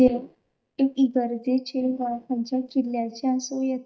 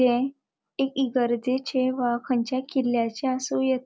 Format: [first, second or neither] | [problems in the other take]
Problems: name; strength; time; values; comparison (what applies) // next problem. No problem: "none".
second | noise reduction (neural mask model DeepFilterNet 3)